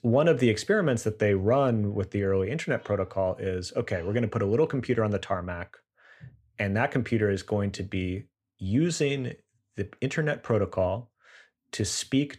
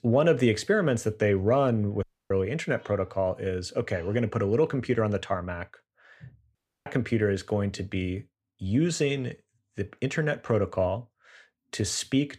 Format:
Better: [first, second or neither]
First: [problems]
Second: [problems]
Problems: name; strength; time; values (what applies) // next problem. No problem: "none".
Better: first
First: none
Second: audio cutting out; at 2 s and at 6.5 s